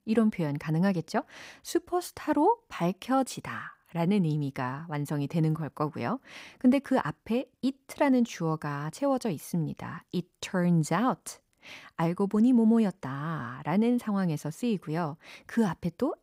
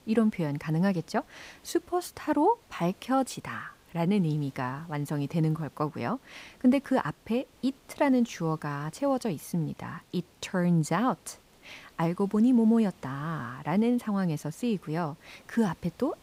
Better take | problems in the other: first | hiss; faint; throughout; 30 dB below the speech

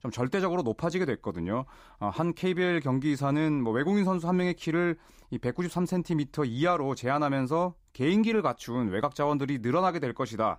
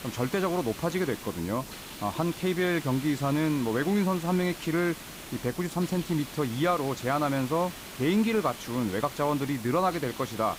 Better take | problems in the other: first | hiss; noticeable; throughout; 10 dB below the speech

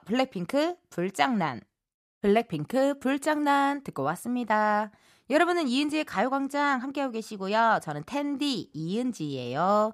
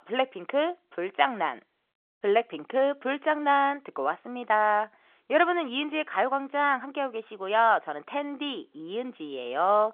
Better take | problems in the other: first | phone-call audio; nothing above 3.5 kHz

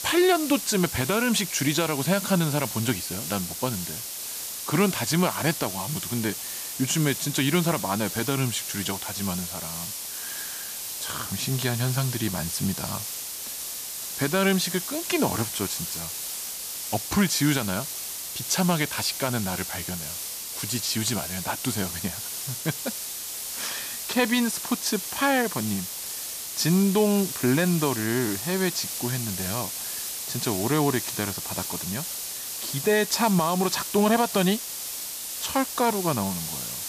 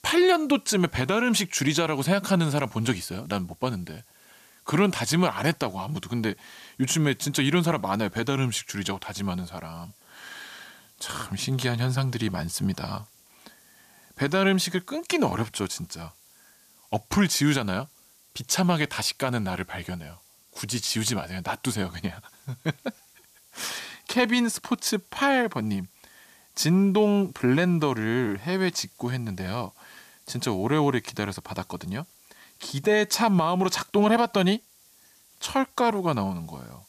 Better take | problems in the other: second | hiss; loud; throughout; 5 dB below the speech; faint in the second

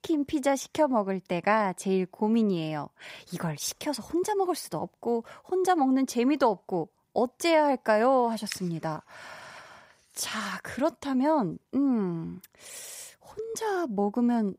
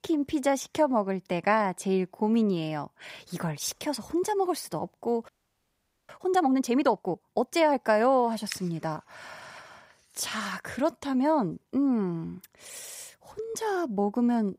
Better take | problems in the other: first | audio freezing; at 5.5 s for 1 s

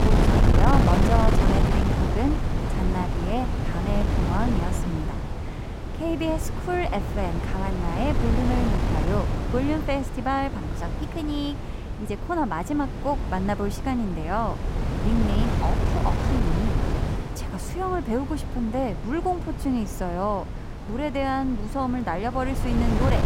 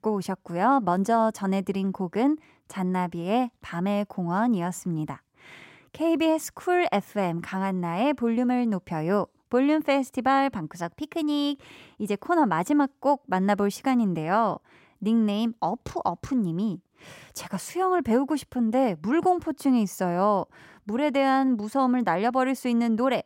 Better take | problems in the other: second | wind noise on the microphone; heavy; 4 dB below the speech

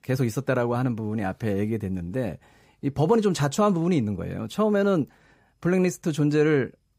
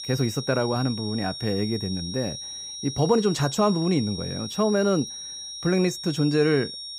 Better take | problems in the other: first | high-pitched whine; loud; throughout; 5.5 kHz, 8 dB below the speech

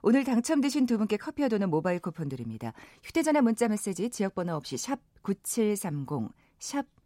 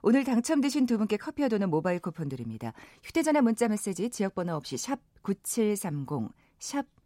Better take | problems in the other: neither | none

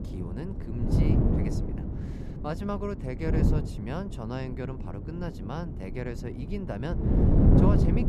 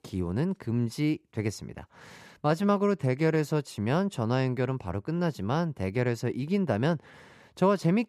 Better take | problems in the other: second | wind noise on the microphone; heavy; 3 dB above the speech

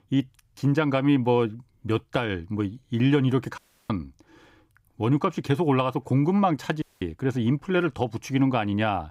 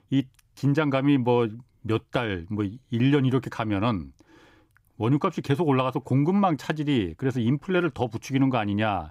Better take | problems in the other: second | audio cutting out; at 3.5 s and at 7 s

